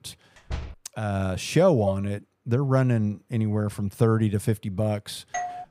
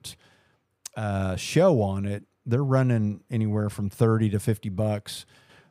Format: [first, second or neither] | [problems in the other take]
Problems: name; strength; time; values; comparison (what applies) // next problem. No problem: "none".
second | door banging; faint; at 0.5 s; peak 10 dB below the speech // clattering dishes; noticeable; at 2 s; peak 7 dB below the speech // doorbell; noticeable; at 5.5 s; peak 7 dB below the speech